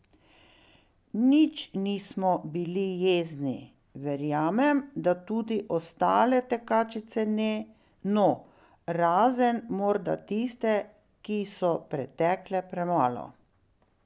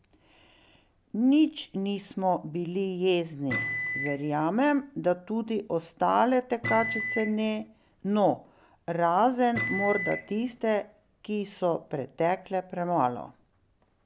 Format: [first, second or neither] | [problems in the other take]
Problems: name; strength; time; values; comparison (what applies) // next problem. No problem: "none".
first | background sound (Microwave oven); 5 dB below the speech